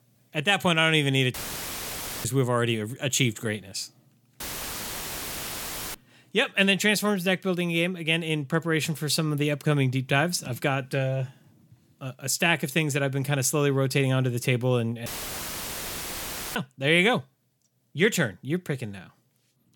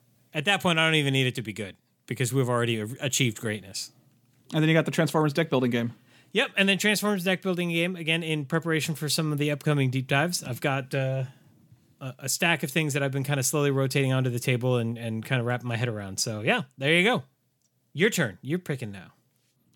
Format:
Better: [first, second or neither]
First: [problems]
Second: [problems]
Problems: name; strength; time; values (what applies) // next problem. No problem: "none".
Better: second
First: audio cutting out; filled with static; at 1.5 s for 1 s, at 4.5 s for 1.5 s and at 15 s for 1.5 s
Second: none